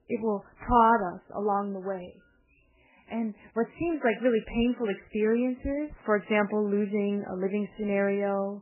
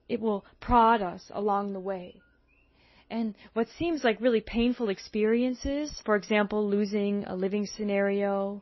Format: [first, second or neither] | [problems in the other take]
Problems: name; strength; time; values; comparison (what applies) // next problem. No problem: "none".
second | garbled, watery; badly; nothing above 3 kHz; slightly in the second